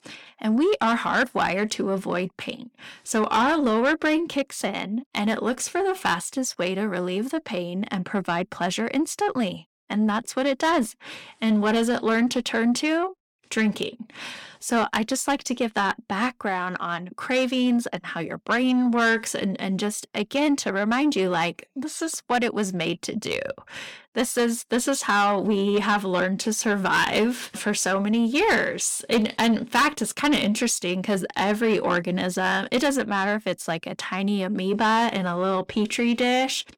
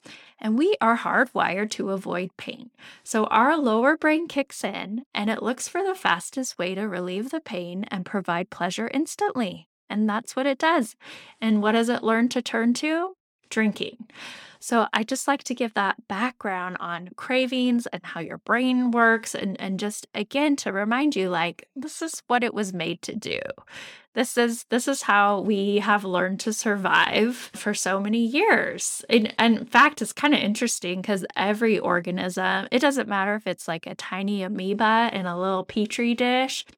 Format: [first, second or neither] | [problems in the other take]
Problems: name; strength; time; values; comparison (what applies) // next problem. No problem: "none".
second | distortion; slight; 10 dB below the speech